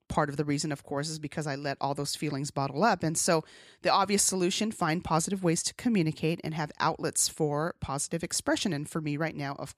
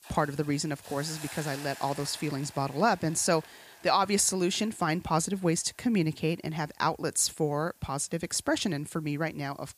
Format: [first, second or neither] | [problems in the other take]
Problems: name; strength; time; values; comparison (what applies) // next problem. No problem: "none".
first | hiss; noticeable; throughout; 20 dB below the speech